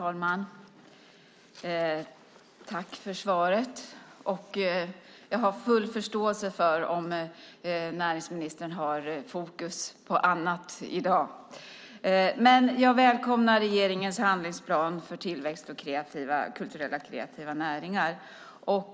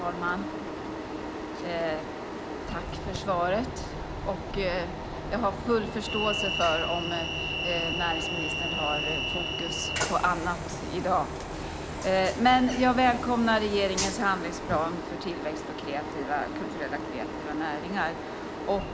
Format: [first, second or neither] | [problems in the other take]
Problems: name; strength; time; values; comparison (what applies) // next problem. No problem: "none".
first | background sound (Train); 4 dB below the speech